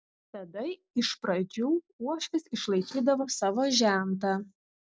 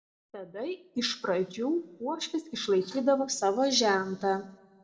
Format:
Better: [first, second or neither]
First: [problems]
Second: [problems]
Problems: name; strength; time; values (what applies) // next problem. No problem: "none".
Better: first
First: none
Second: room echo; dies away in 1.2 s